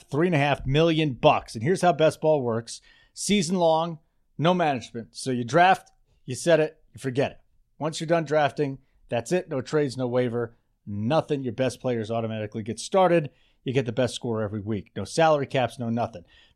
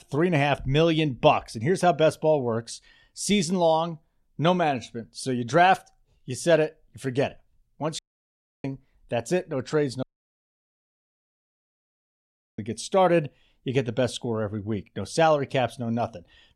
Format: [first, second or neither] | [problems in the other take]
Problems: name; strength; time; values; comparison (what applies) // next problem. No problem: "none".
first | audio cutting out; at 8 s for 0.5 s and at 10 s for 2.5 s